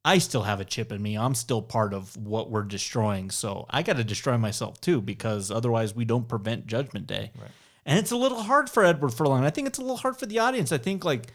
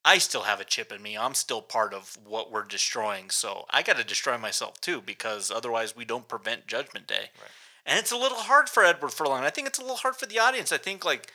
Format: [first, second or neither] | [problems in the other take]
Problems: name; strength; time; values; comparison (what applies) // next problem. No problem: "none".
first | thin; very; fading below 650 Hz